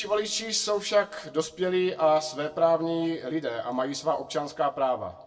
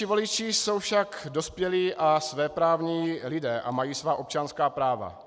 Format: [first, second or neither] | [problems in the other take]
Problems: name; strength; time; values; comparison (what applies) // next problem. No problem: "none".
second | noise reduction (neural separator model SepFormer DNS4)